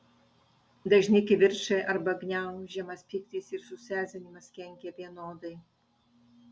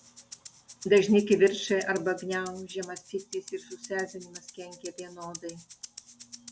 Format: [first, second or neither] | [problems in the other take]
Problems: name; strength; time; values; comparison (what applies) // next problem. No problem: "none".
first | background sound (Rattle (instrument)); 18 dB below the speech